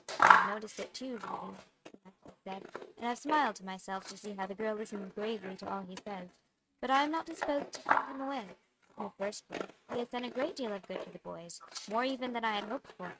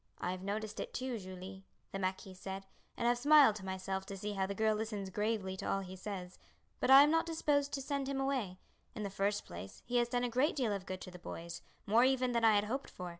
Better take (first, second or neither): second